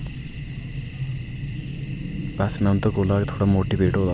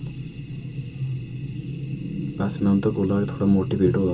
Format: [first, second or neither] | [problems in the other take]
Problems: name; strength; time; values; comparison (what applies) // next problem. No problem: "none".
first | room echo; dies away in 0.2 s